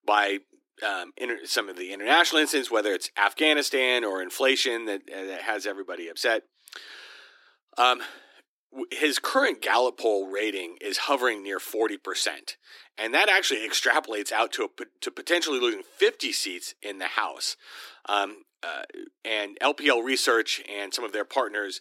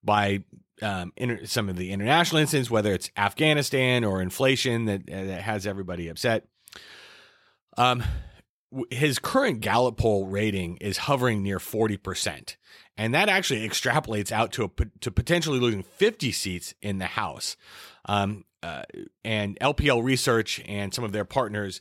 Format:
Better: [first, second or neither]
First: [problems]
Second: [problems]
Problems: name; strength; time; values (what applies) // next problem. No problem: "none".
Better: second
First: thin; somewhat; fading below 300 Hz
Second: none